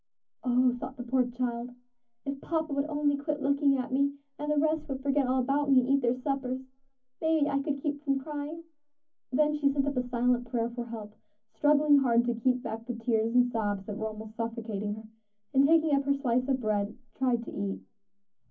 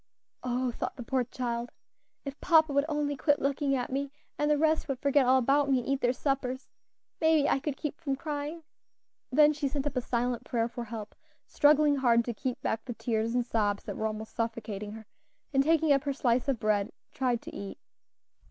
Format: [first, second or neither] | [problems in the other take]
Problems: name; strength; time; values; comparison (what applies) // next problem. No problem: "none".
second | room echo; dies away in 0.3 s